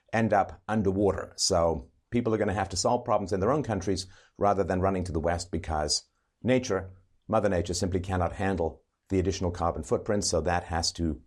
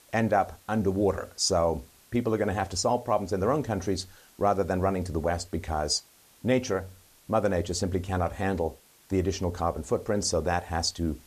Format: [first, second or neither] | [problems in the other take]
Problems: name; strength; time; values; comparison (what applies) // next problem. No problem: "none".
first | hiss; faint; throughout; 25 dB below the speech